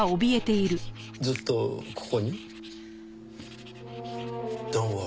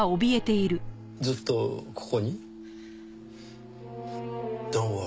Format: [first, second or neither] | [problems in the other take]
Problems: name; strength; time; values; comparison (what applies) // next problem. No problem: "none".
second | background sound (Finger snapping + Writing); 19 dB below the speech